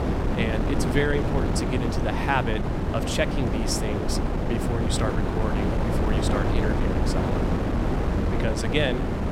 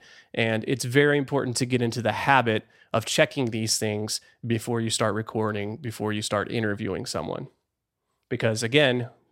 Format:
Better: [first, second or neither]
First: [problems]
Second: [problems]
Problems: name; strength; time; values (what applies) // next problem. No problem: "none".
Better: second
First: wind noise on the microphone; heavy; 1 dB below the speech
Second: none